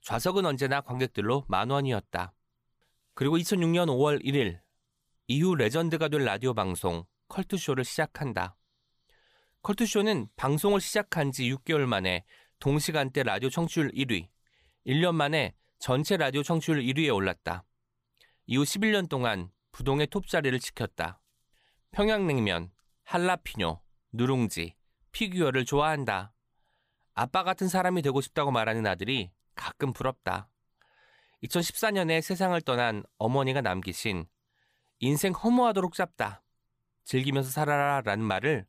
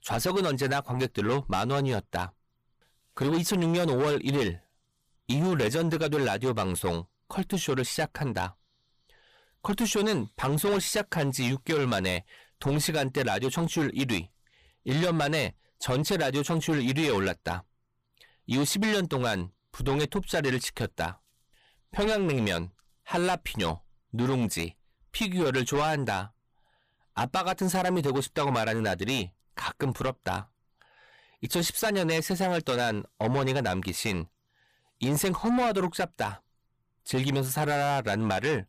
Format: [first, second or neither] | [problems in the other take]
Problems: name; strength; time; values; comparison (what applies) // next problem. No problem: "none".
first | distortion; heavy; 8 dB below the speech